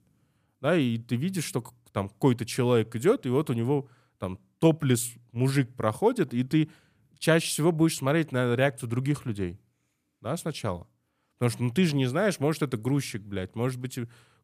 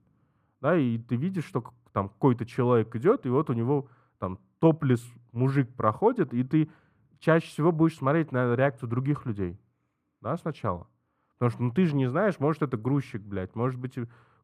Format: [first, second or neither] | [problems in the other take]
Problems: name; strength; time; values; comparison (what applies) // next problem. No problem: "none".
first | muffled; very; fading above 3 kHz